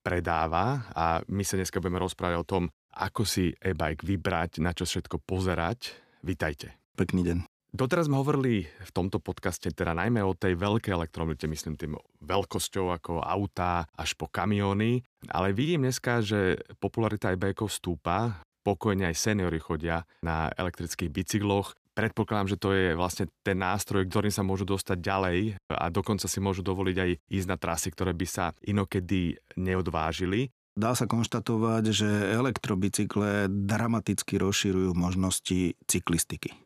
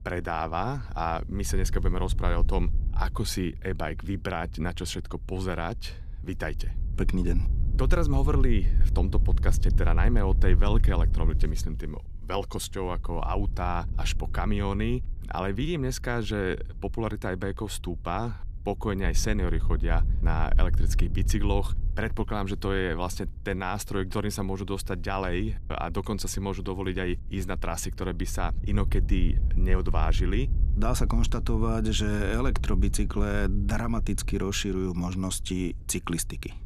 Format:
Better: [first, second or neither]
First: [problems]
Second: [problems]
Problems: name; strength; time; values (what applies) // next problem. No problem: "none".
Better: first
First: none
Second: wind noise on the microphone; occasional gusts; 15 dB below the speech